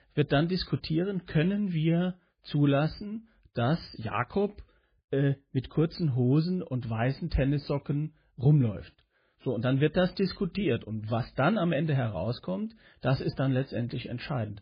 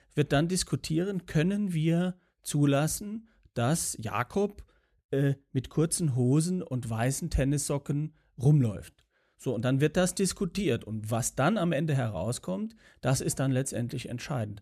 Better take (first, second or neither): second